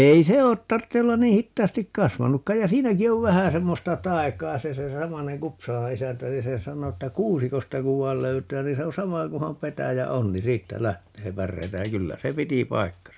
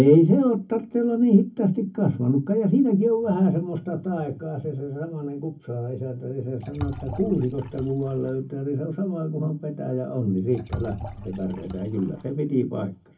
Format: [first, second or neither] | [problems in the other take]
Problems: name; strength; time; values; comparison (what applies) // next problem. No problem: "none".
first | background sound (Liquid); 14 dB below the speech // room echo; dies away in 0.3 s